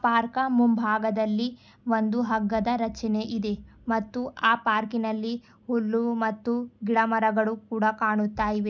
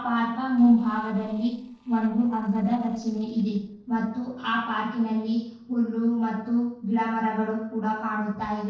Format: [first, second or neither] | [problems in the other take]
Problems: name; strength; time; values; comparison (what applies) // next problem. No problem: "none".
first | noise reduction (neural separator model SepFormer DNS4)